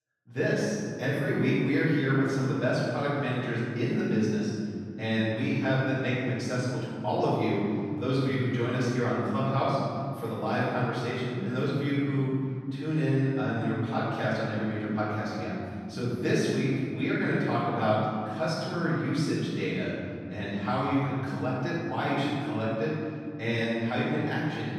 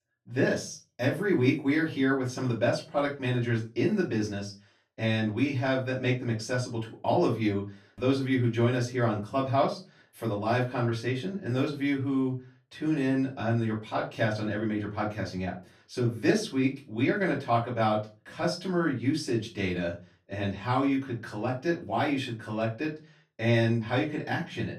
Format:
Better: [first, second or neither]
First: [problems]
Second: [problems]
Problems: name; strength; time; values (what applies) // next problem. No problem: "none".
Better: second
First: room echo; strong; dies away in 2.9 s // off-mic speech; far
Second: room echo; slight; dies away in 0.3 s // off-mic speech; far